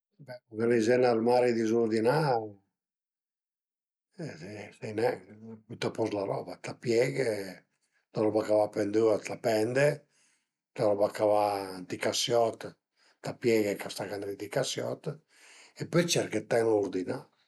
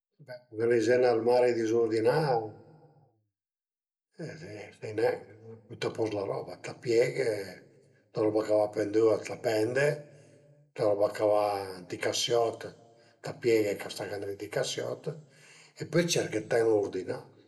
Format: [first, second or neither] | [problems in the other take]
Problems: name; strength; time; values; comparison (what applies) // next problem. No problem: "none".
first | room echo; dies away in 0.5 s